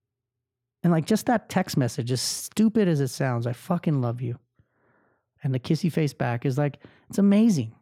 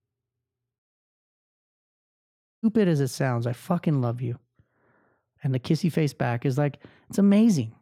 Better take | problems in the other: first | audio cutting out; at 1 s for 2 s

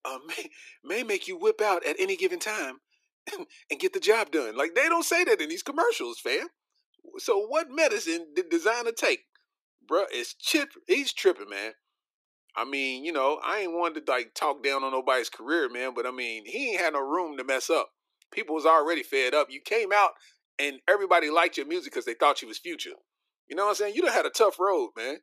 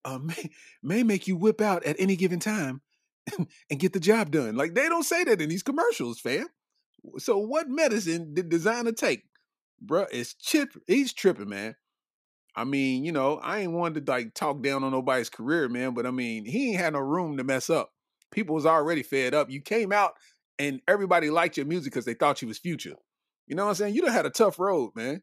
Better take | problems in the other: second | thin; very; fading below 350 Hz

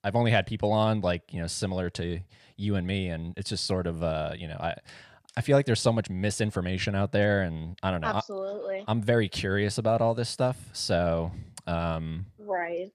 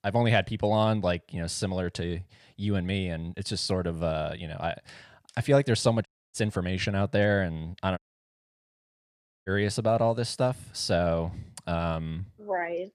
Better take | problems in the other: first | audio cutting out; at 6 s and at 8 s for 1.5 s

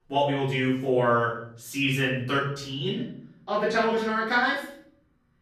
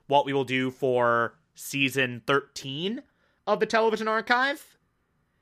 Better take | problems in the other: second | off-mic speech; far // room echo; noticeable; dies away in 0.8 s

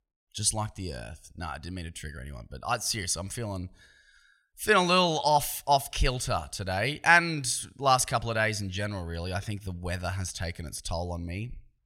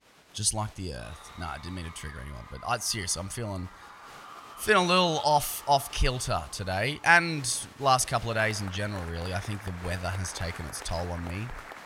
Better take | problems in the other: first | crowd noise; noticeable; throughout; 15 dB below the speech

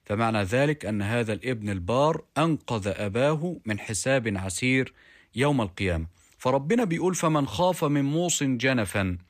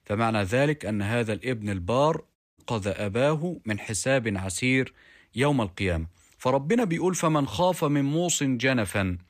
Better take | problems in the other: first | audio cutting out; at 2.5 s

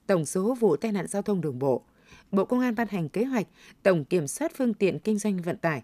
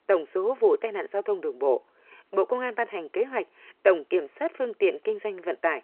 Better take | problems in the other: first | phone-call audio

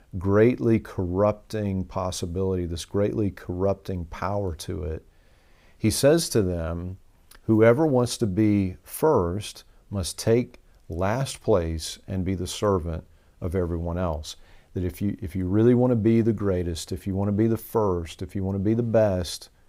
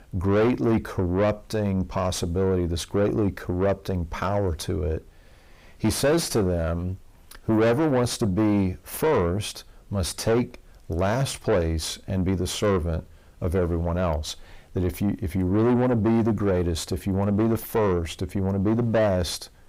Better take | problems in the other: first | distortion; heavy; 6 dB below the speech

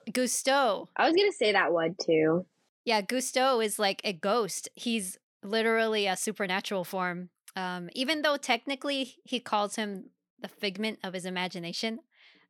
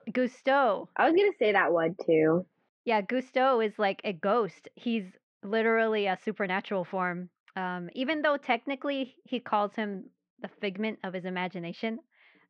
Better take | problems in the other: first | muffled; very; fading above 2.5 kHz

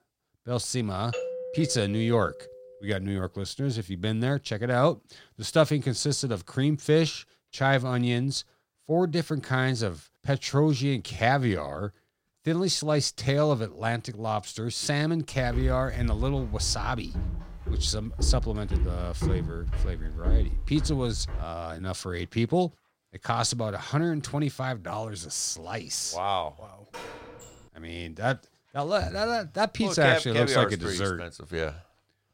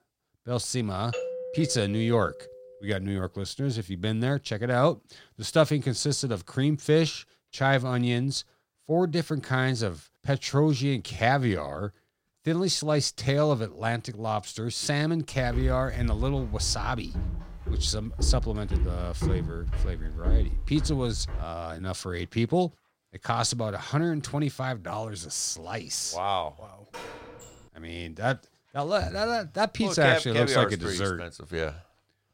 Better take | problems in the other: neither | doorbell; noticeable; from 1 to 2.5 s; peak 6 dB below the speech; the same in both // footsteps; loud; from 15 to 21 s; peak level with the speech; the same in both // door banging; faint; at 27 s; peak 15 dB below the speech; the same in both

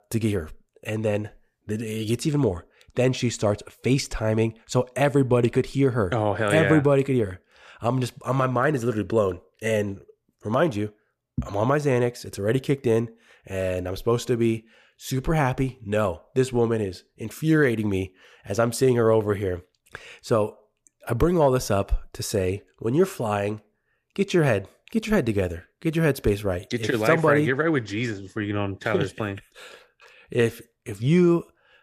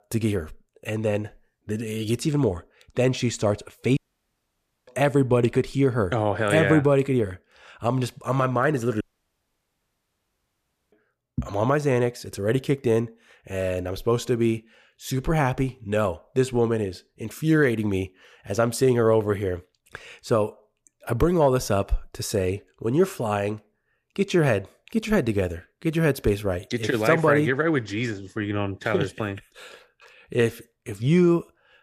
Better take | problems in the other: first | audio cutting out; at 4 s for 1 s and at 9 s for 2 s

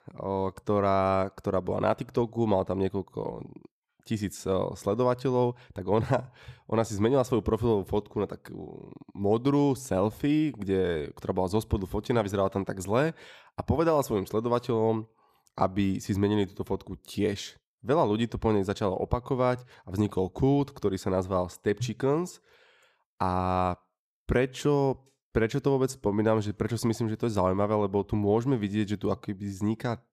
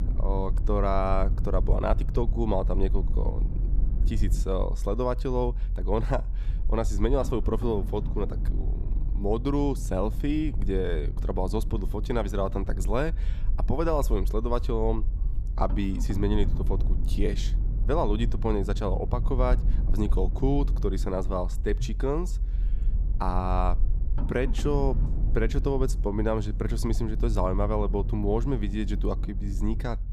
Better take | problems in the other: first | low rumble; noticeable; throughout; 15 dB below the speech

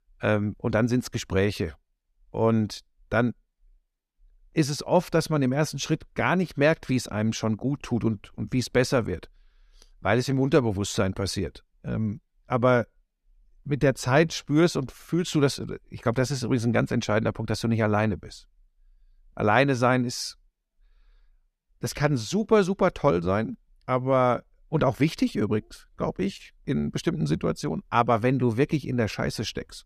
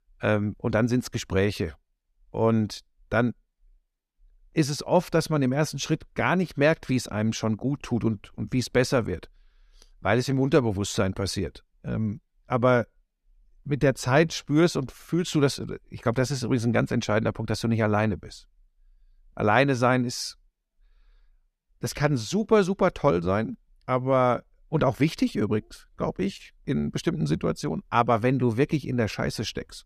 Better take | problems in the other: neither | none

